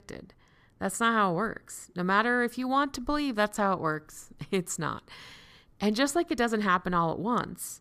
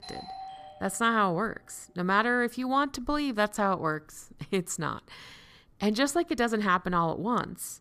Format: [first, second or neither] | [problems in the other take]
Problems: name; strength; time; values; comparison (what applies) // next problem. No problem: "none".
first | doorbell; faint; until 1.5 s; peak 15 dB below the speech